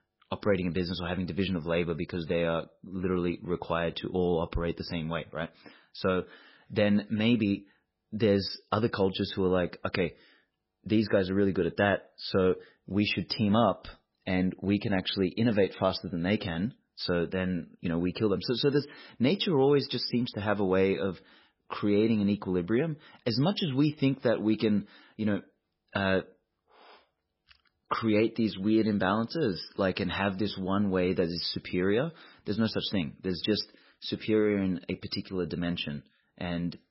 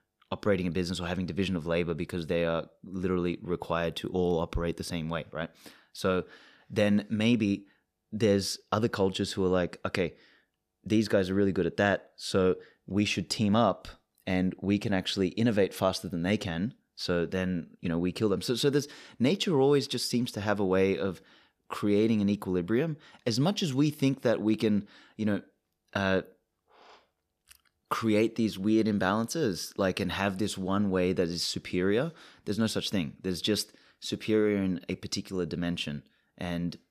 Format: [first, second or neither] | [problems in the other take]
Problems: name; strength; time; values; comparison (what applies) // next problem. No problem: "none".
second | garbled, watery; badly; nothing above 5.5 kHz